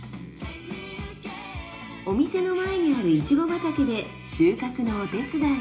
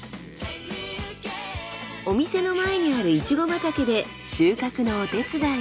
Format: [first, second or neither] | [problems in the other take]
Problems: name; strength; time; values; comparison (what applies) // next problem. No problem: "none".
second | room echo; dies away in 0.4 s